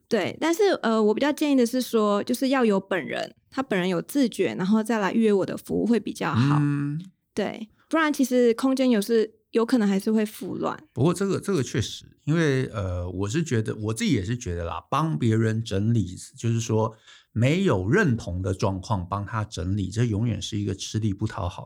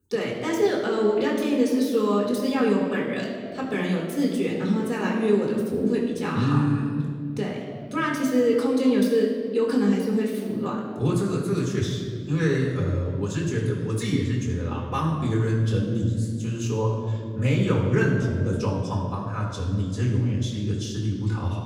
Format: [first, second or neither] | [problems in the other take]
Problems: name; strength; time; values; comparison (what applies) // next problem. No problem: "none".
first | off-mic speech; far // room echo; noticeable; dies away in 2 s